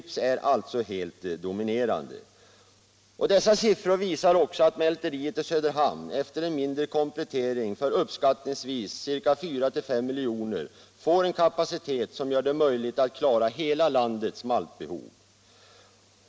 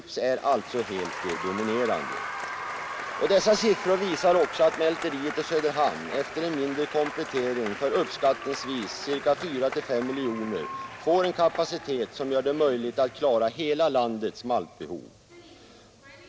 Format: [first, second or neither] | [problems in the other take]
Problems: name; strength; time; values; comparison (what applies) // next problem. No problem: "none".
first | background sound (Applause); 11 dB below the speech